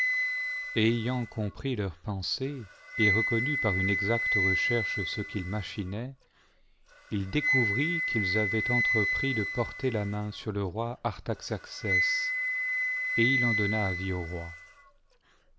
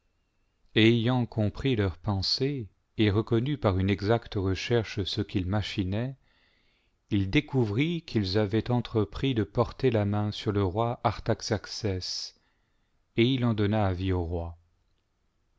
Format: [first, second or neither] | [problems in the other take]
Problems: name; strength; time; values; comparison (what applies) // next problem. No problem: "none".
second | background sound (Wind instrument, woodwind instrument); as loud as the speech